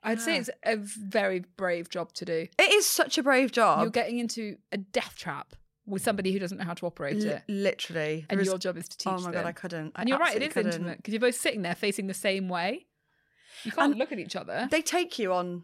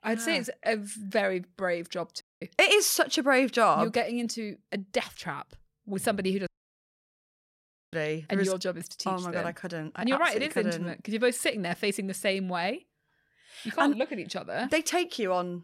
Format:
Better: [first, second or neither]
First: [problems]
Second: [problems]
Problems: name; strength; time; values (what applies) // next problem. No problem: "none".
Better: first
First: none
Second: audio cutting out; at 2 s and at 6.5 s for 1.5 s